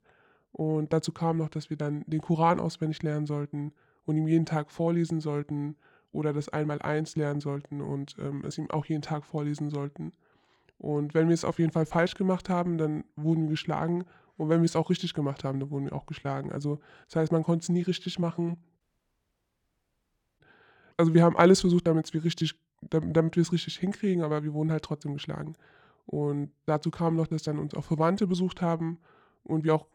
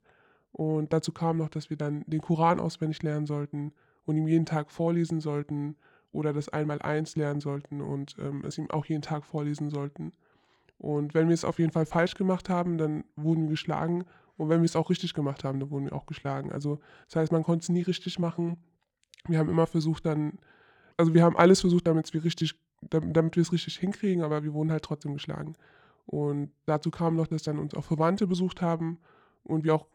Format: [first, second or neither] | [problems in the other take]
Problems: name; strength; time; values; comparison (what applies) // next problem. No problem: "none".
second | audio cutting out; at 19 s for 1.5 s